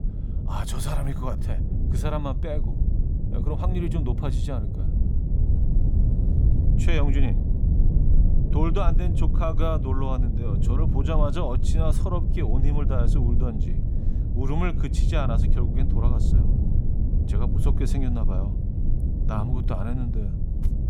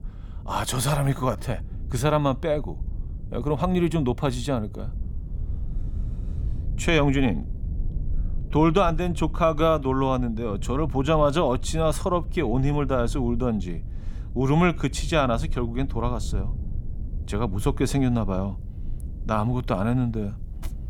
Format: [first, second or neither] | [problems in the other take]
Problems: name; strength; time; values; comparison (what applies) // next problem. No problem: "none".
second | low rumble; loud; throughout; 6 dB below the speech; faint in the second